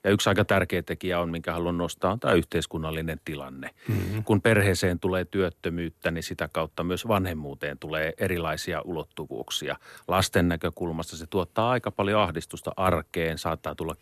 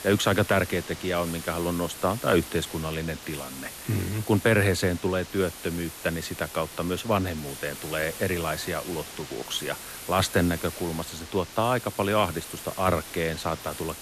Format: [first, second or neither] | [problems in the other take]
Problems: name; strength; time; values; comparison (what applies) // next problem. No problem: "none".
first | hiss; noticeable; throughout; 10 dB below the speech